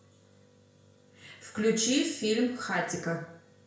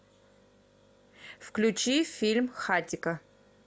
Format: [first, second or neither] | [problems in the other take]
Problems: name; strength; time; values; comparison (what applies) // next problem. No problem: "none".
second | room echo; dies away in 0.5 s